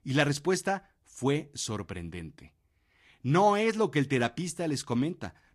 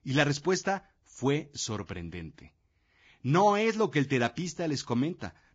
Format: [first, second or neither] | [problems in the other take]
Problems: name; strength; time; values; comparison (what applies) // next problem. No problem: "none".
first | garbled, watery; badly; nothing above 7.5 kHz; slightly in the first